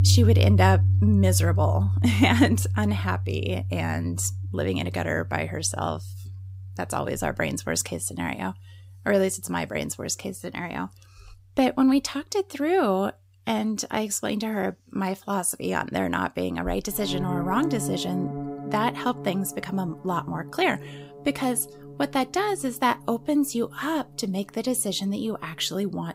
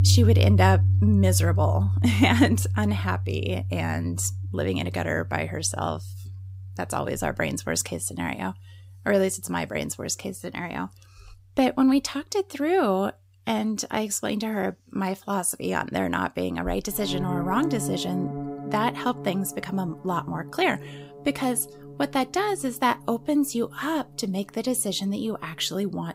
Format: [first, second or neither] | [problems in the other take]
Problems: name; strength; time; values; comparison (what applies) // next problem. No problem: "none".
neither | background music; loud; throughout; 1 dB below the speech; the same in both